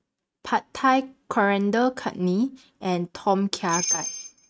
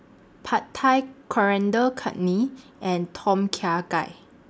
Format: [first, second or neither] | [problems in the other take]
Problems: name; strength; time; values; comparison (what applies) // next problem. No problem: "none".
second | noise reduction (neural mask model RNNoise)